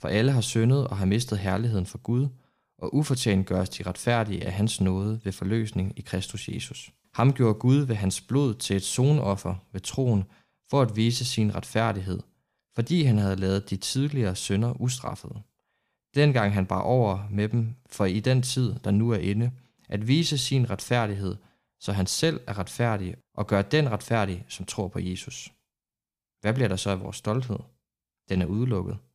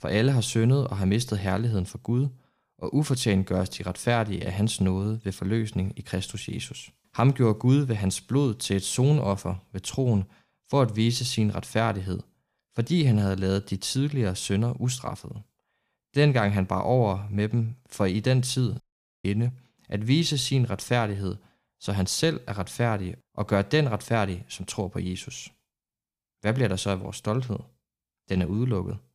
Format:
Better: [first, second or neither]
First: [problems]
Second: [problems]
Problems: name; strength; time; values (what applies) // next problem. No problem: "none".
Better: first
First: none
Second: audio cutting out; at 19 s